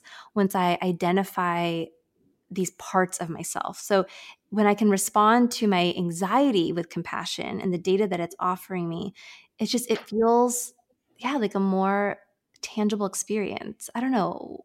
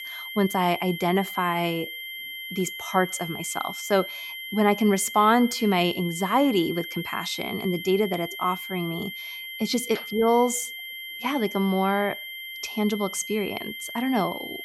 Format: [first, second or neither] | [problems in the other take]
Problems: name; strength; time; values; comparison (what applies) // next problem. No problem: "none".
first | high-pitched whine; loud; throughout; 2 kHz, 9 dB below the speech